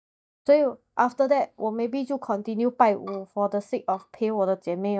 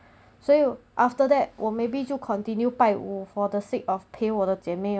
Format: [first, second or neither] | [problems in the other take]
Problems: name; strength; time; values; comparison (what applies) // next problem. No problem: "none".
second | noise reduction (neural mask model DeepFilterNet 3)